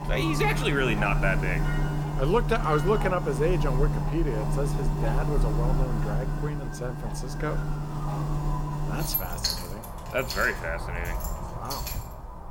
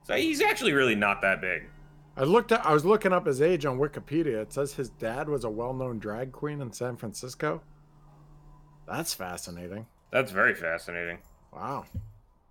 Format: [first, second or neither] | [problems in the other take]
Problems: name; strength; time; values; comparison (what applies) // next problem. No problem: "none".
second | household noises; loud; throughout; as loud as the speech; faint in the second